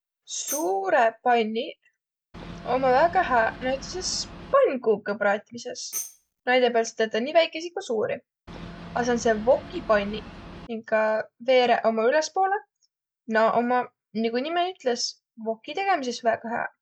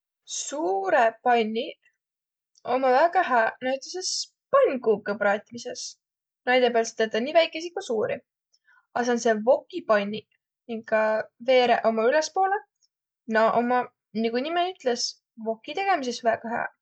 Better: second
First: background sound (Tambourine + Boat, Water vehicle); 15 dB below the speech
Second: none

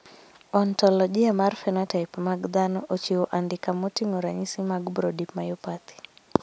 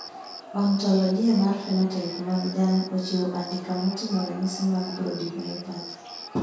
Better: first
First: none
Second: background sound (Cricket); 15 dB below the speech // room echo; dies away in 0.6 s

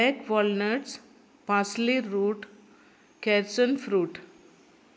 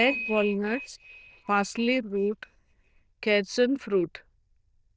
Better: first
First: none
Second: noise reduction (neural diffusion model UNIVERSE++)

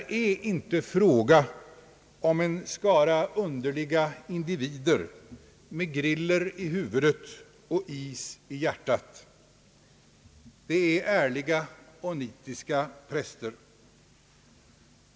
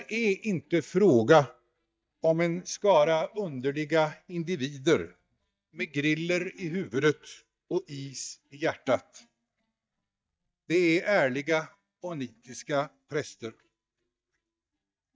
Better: first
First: none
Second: noise reduction (neural mask model DeepFilterNet 3)

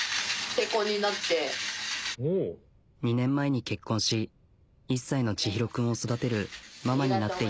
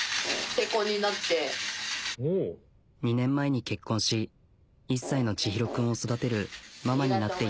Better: first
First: none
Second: background sound (Fart); 10 dB below the speech

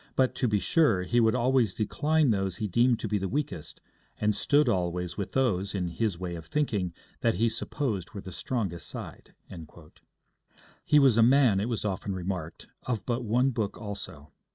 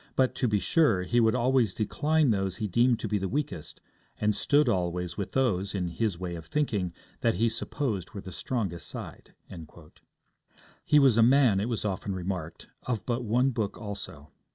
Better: second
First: noise reduction (neural mask model Resemble Enhance denoiser)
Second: none

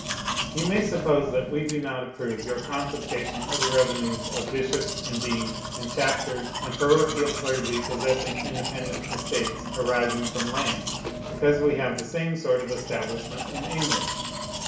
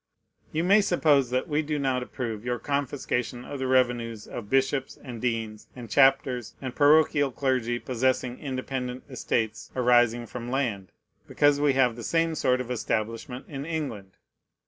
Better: second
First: background sound (Domestic sounds, home sounds); 5 dB below the speech // room echo; dies away in 0.6 s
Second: none

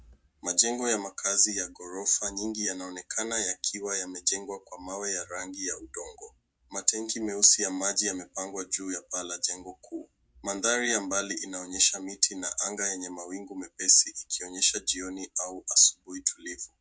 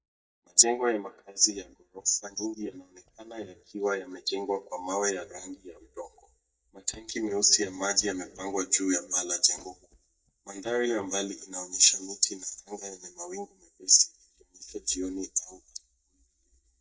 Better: first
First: none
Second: noise reduction (neural mask model DeepFilterNet 3)

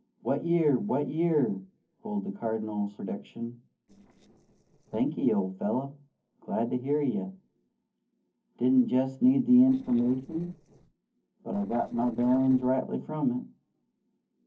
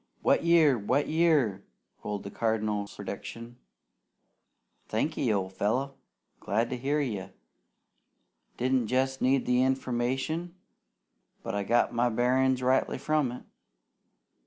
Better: second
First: noise reduction (neural separator model SepFormer DNS4)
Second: none

